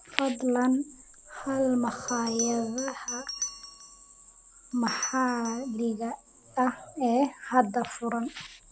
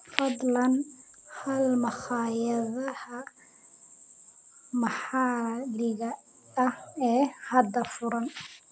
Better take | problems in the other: second | background sound (Bell); 12 dB below the speech

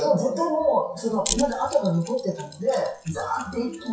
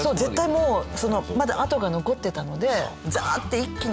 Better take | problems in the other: second | noise reduction (classical method WPE with log-MMSE)

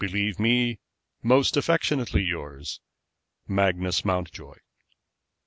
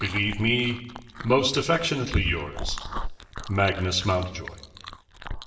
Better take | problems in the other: first | background sound (Chewing, mastication); 10 dB below the speech // room echo; dies away in 1 s

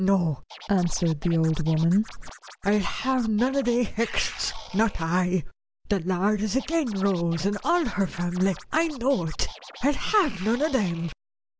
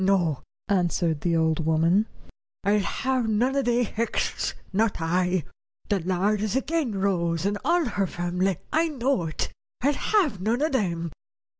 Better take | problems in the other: second | background sound (Scratching (performance technique)); 19 dB below the speech

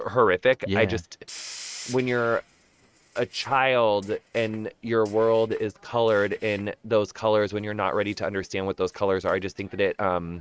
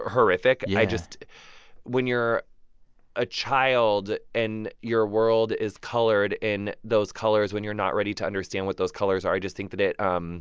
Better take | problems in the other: second | noise reduction (neural mask model RNNoise)

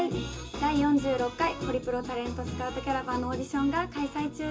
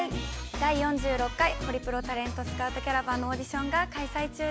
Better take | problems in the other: second | room echo; dies away in 0.2 s

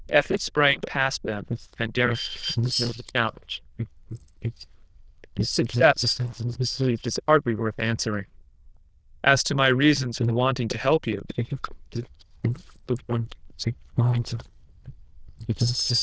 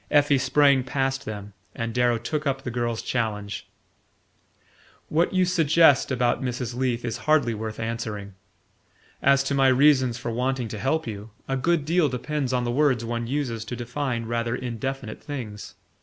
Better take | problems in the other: second | noise reduction (neural diffusion model UNIVERSE++)

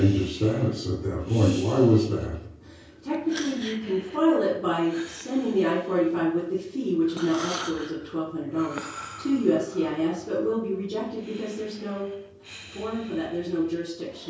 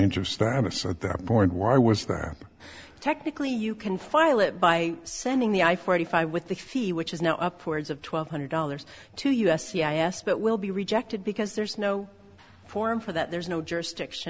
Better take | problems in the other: second | background sound (Breathing); 17 dB below the speech // room echo; dies away in 0.6 s

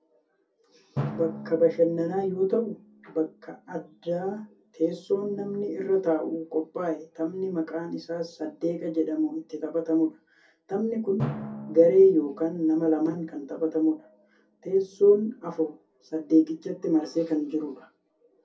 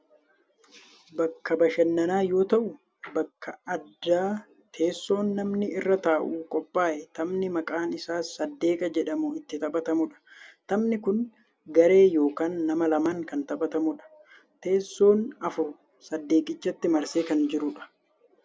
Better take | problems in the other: second | background sound (Drum); 16 dB below the speech // room echo; dies away in 0.3 s

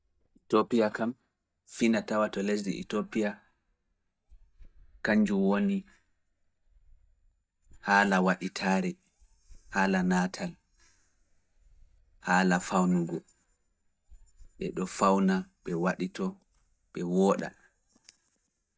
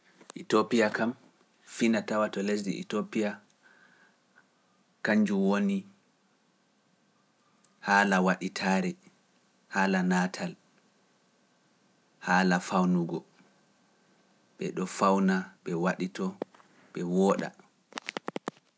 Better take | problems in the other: second | noise reduction (neural mask model DeepFilterNet 3)

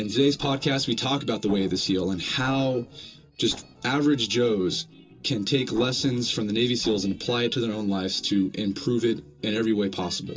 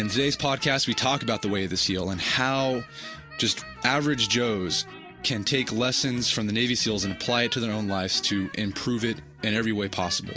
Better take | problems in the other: second | noise reduction (neural separator model SepFormer DNS4)

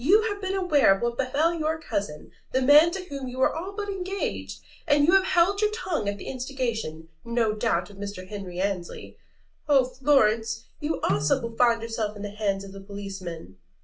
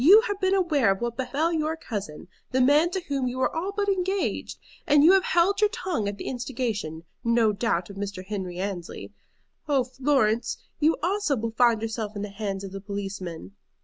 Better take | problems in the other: second | background sound (Snare drum); 11 dB below the speech // room echo; dies away in 0.2 s

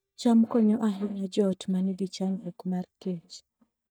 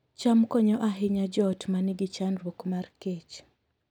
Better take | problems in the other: second | noise reduction (neural mask model DeepFilterNet 3)

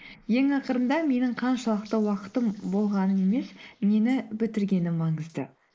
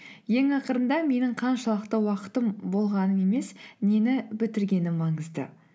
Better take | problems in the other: second | noise reduction (neural mask model Resemble Enhance denoiser)

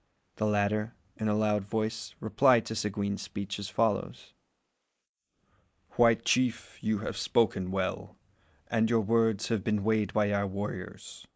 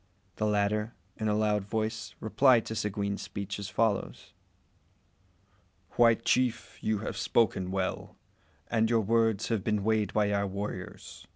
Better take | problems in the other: second | noise reduction (neural mask model Resemble Enhance denoiser)

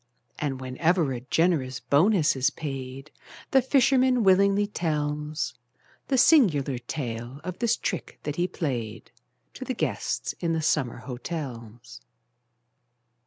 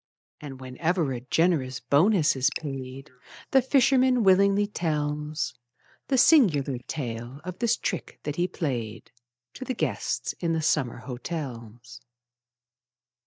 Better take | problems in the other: first | noise reduction (neural mask model DeepFilterNet 3)

